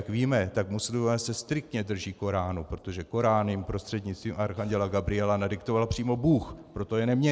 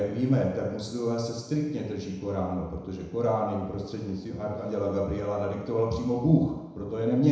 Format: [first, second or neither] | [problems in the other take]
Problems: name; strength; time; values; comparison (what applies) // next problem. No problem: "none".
first | room echo; dies away in 1 s